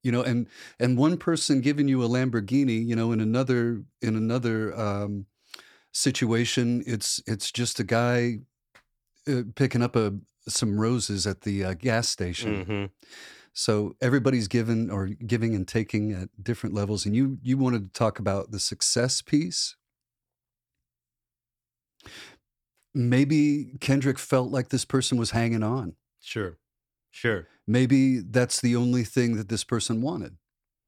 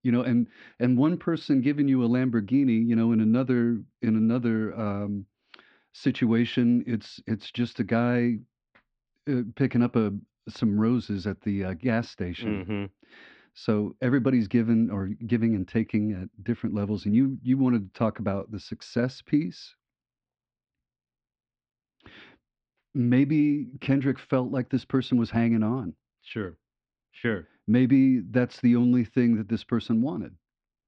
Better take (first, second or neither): first